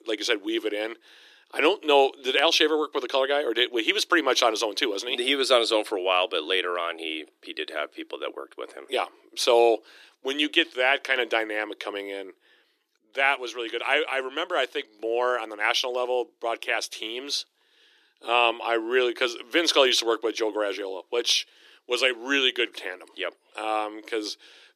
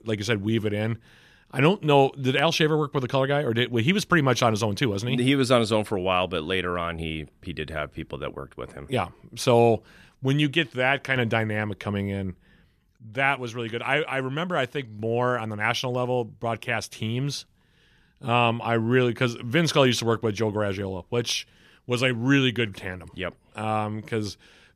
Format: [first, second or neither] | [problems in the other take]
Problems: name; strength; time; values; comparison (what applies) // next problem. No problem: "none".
second | thin; very; fading below 300 Hz